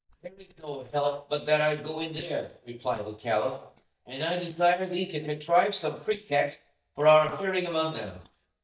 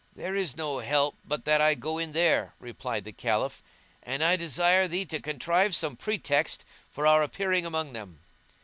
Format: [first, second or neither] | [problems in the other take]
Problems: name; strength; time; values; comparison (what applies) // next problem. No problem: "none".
second | noise reduction (neural mask model DeepFilterNet 3)